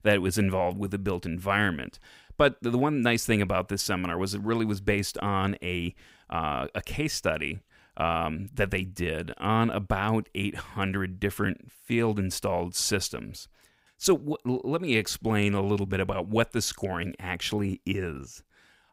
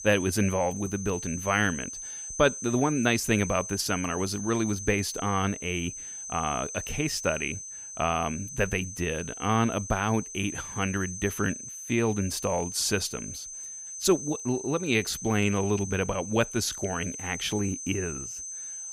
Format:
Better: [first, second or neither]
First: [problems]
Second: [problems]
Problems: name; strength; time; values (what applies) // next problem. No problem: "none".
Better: first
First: none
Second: high-pitched whine; loud; throughout; 6 kHz, 8 dB below the speech